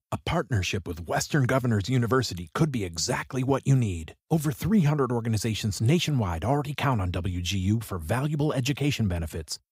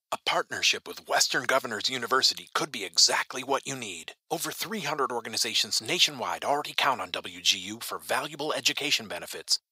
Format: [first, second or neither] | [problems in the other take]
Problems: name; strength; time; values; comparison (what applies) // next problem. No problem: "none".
first | thin; very; fading below 650 Hz